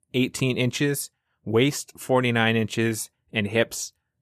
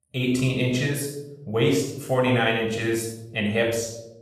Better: first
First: none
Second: off-mic speech; somewhat distant // room echo; noticeable; dies away in 0.7 s

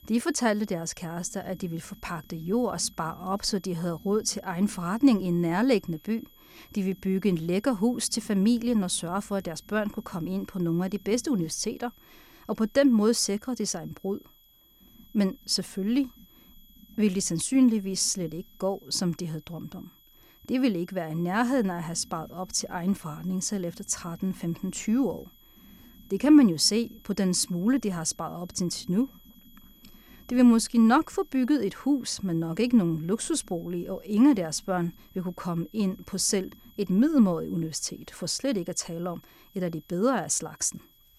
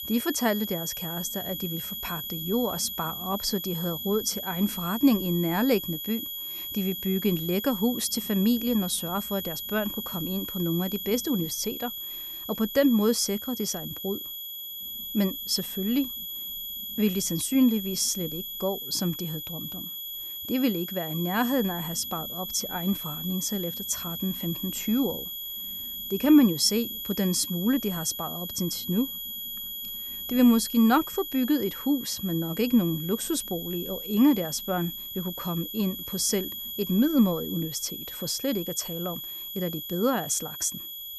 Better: first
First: high-pitched whine; faint; throughout; 3.5 kHz, 30 dB below the speech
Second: high-pitched whine; loud; throughout; 3.5 kHz, 6 dB below the speech

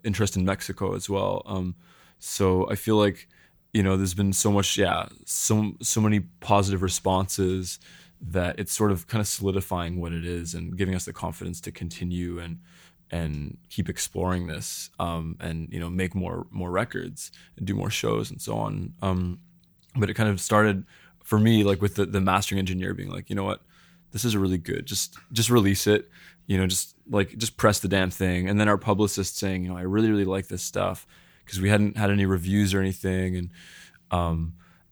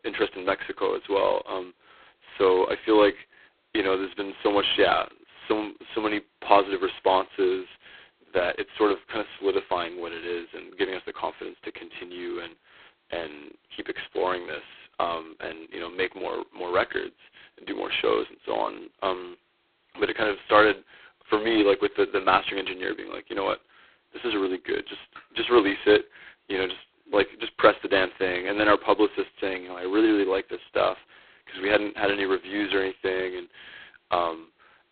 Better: first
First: none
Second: phone-call audio; poor line; nothing above 4 kHz

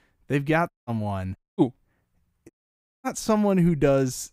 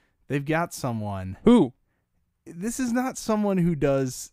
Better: second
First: audio cutting out; at 0.5 s, at 1.5 s and at 2.5 s for 0.5 s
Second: none

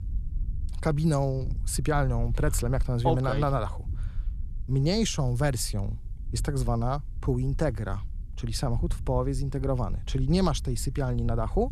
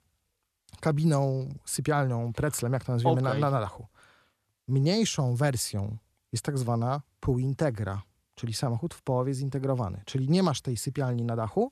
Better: second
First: low rumble; faint; throughout; 25 dB below the speech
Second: none

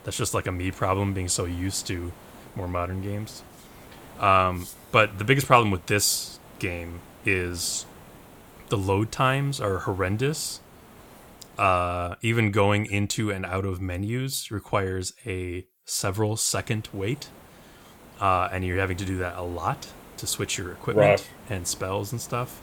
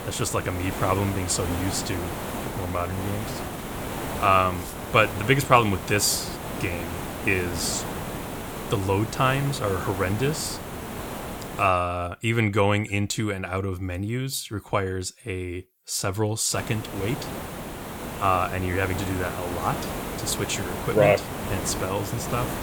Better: first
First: hiss; faint; until 12 s and from 17 s on; 20 dB below the speech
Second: hiss; loud; until 12 s and from 17 s on; 7 dB below the speech

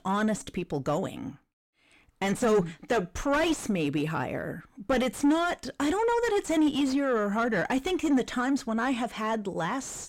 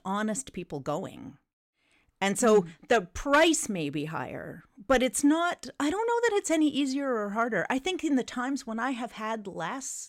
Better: second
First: distortion; heavy; 7 dB below the speech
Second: none

